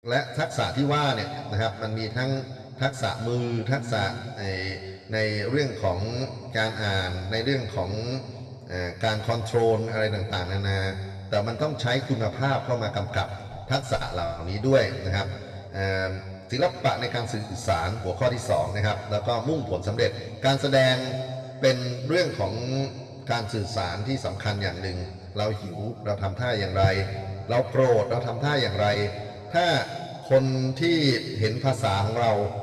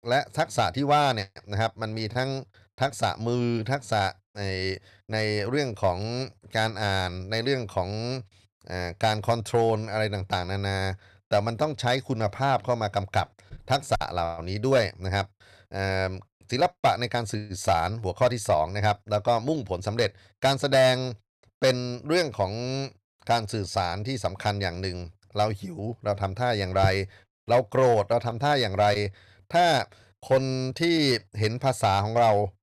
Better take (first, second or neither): second